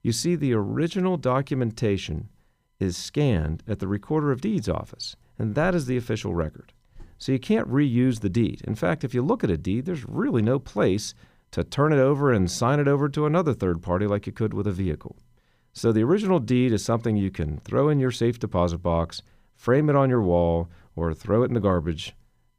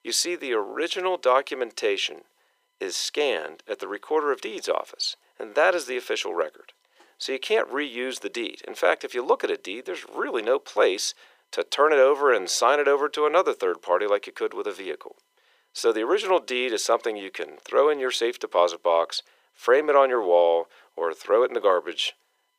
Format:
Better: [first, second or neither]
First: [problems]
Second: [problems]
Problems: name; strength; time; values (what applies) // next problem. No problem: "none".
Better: first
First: none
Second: thin; very; fading below 400 Hz